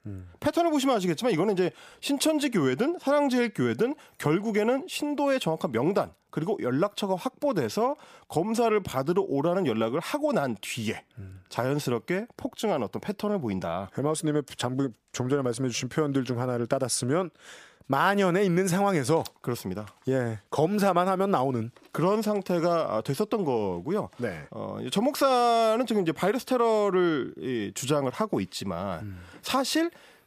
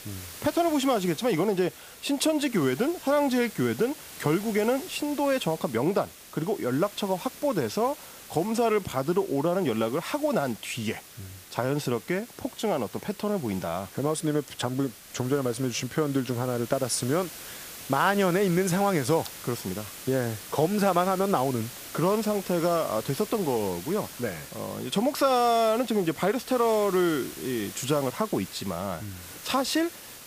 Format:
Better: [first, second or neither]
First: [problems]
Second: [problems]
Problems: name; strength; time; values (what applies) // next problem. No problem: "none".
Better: first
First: none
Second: hiss; noticeable; throughout; 15 dB below the speech